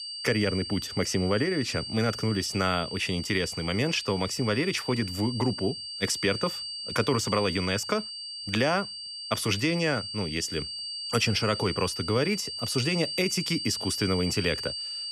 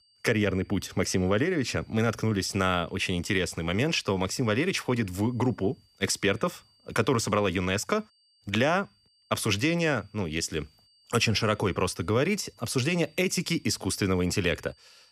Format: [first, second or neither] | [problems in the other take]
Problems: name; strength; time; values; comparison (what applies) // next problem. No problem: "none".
second | high-pitched whine; loud; throughout; 4.5 kHz, 6 dB below the speech; faint in the second